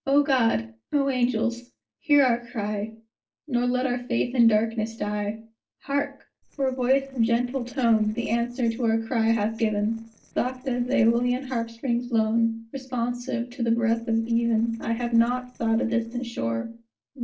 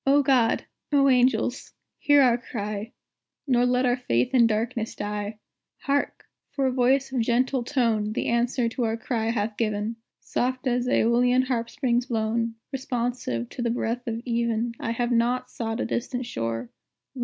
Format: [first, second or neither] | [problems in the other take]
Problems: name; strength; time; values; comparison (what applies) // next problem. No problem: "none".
second | noise reduction (neural separator model SepFormer DNS4)